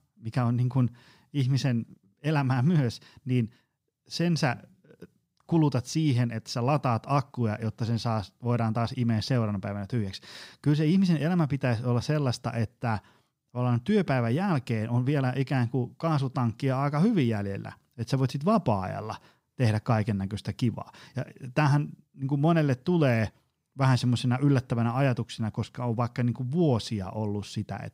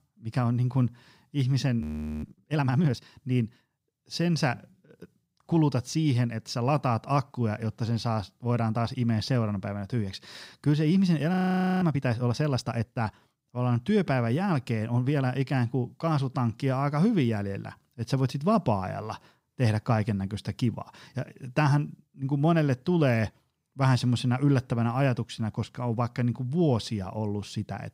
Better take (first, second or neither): first